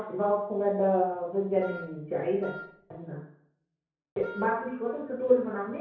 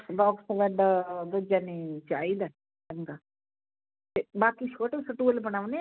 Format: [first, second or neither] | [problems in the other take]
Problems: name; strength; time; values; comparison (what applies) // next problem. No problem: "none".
second | background sound (Wind instrument, woodwind instrument); 16 dB below the speech // room echo; dies away in 0.6 s